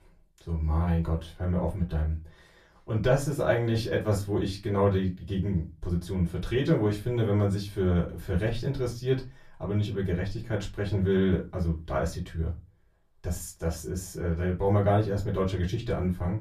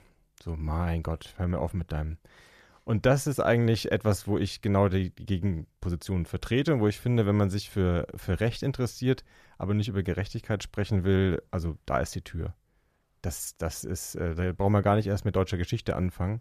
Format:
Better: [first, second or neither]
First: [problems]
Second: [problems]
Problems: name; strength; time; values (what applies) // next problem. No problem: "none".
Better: second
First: off-mic speech; far // room echo; very slight; dies away in 0.2 s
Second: none